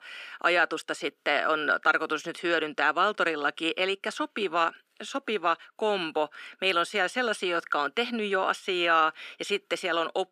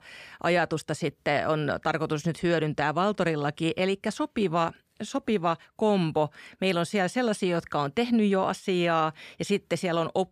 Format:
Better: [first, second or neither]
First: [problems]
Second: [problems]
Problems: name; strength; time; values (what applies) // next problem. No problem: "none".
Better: second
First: thin; somewhat; fading below 300 Hz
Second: none